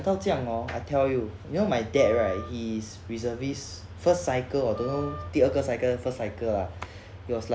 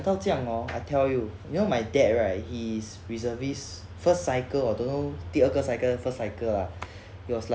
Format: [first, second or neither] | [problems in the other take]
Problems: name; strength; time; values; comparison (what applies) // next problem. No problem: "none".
second | background sound (Wind instrument, woodwind instrument); 16 dB below the speech